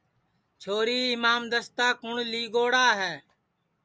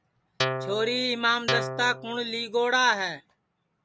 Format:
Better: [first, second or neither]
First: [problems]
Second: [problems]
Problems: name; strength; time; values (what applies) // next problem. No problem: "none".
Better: first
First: none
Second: background sound (Guitar); 4 dB below the speech